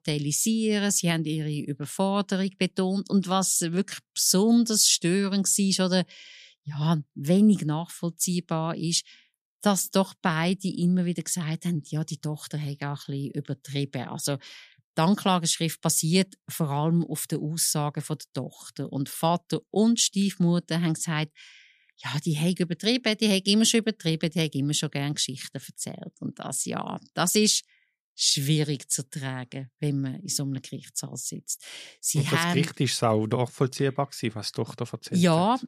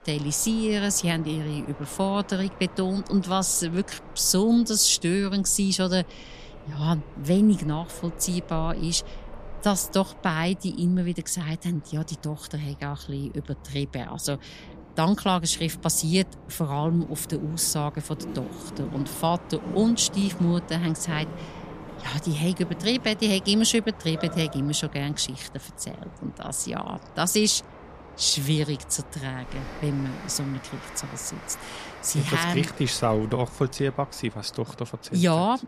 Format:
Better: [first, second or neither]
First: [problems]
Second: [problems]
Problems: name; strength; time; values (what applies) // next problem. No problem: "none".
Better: first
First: none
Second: train or aircraft noise; noticeable; throughout; 15 dB below the speech